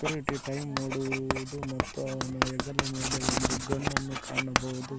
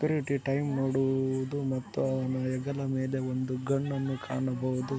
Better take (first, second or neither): second